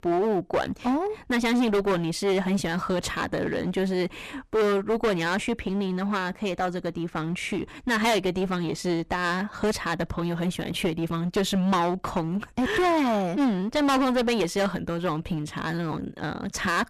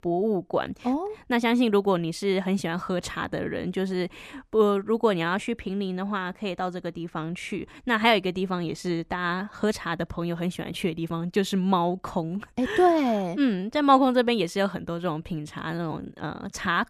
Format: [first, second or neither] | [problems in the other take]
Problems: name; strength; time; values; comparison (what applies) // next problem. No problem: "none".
second | distortion; heavy; 17% of the sound clipped